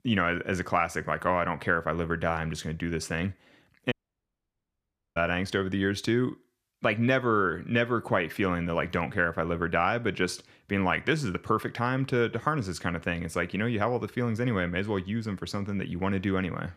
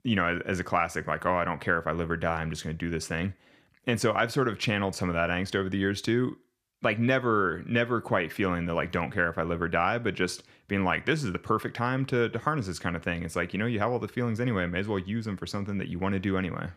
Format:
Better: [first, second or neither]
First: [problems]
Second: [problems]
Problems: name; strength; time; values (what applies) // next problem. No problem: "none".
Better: second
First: audio cutting out; at 4 s for 1 s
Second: none